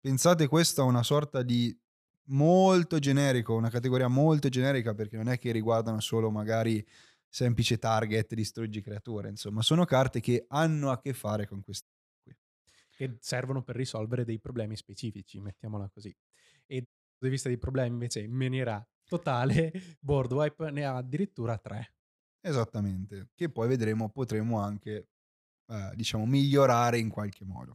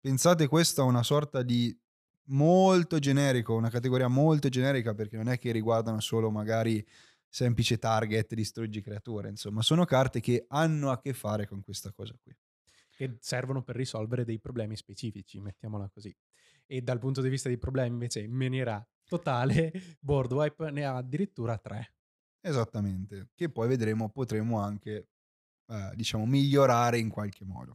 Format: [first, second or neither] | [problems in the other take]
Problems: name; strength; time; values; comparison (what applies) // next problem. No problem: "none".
second | audio cutting out; at 12 s and at 17 s